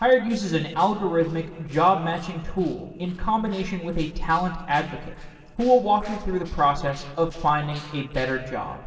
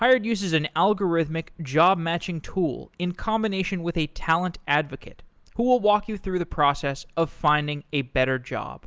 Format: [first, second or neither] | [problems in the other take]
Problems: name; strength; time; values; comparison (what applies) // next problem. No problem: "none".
second | noise reduction (neural separator model SepFormer DNS4)